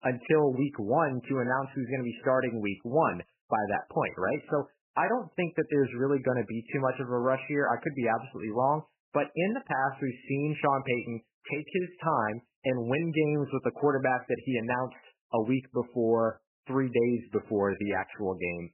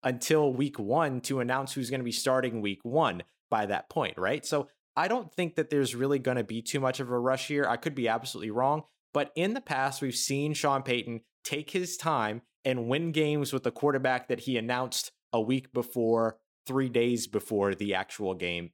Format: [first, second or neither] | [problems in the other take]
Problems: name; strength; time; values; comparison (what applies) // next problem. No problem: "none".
second | garbled, watery; badly; nothing above 3 kHz